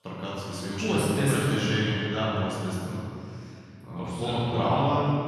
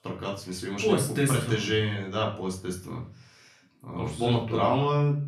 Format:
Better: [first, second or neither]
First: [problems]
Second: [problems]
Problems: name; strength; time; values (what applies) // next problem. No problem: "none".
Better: second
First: room echo; strong; dies away in 2.3 s // off-mic speech; far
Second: room echo; slight; dies away in 0.3 s // off-mic speech; far